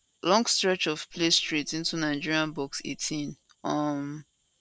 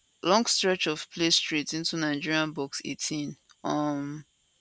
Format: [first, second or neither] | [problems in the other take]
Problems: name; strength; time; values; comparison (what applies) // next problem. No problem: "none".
second | noise reduction (neural separator model SepFormer DNS4)